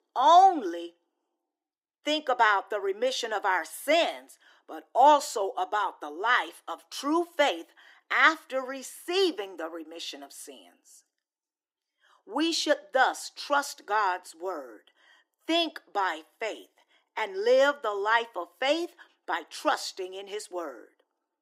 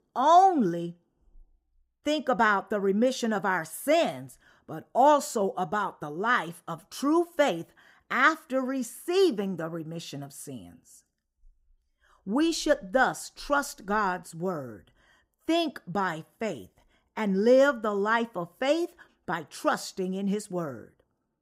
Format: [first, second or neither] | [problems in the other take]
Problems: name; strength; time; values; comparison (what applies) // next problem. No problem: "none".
second | thin; somewhat; fading below 300 Hz